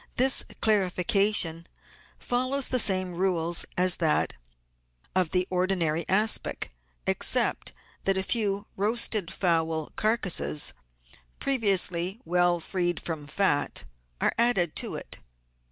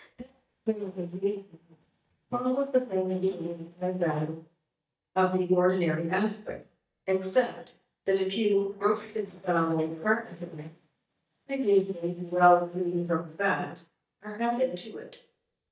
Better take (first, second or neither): first